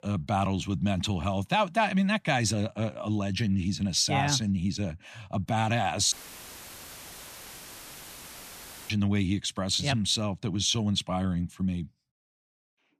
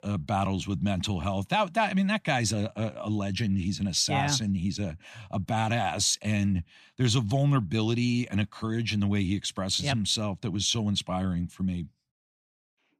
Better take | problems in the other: second | audio cutting out; filled with static; at 6 s for 3 s

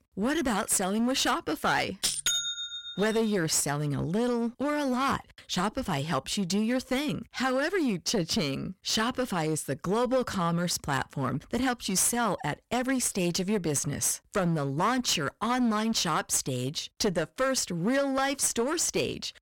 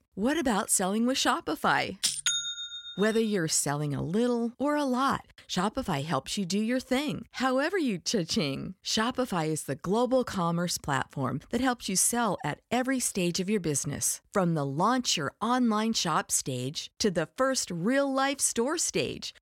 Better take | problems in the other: second | distortion; slight; 9% of the sound clipped

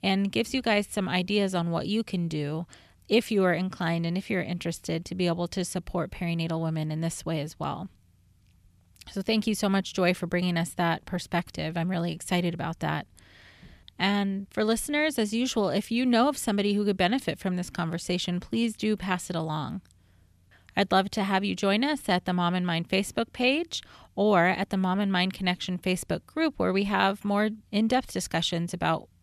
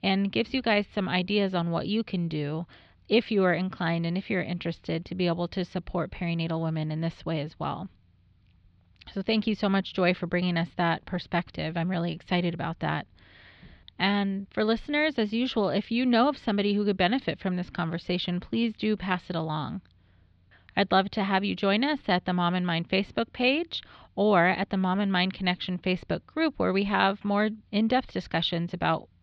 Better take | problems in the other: first | muffled; very slightly; fading above 4 kHz

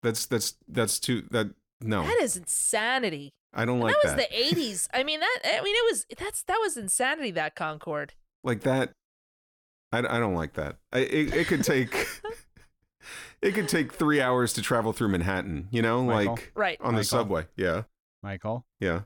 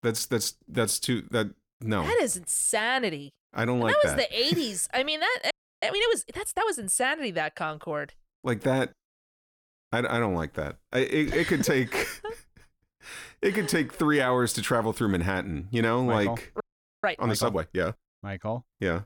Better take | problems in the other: first | audio freezing; at 5.5 s and at 17 s

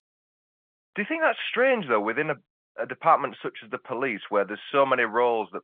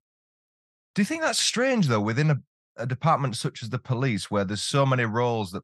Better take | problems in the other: second | phone-call audio; nothing above 3.5 kHz

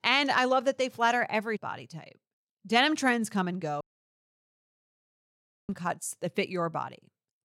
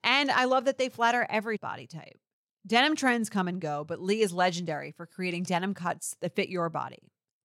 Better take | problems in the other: second | audio cutting out; at 4 s for 2 s

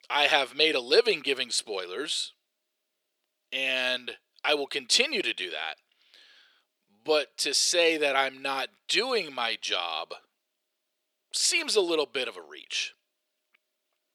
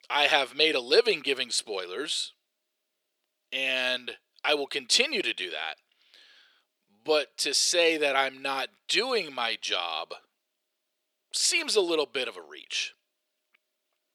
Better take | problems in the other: neither | thin; very; fading below 400 Hz; the same in both

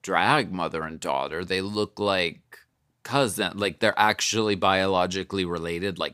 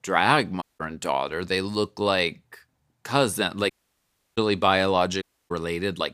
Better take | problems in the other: first | audio cutting out; at 0.5 s, at 3.5 s for 0.5 s and at 5 s

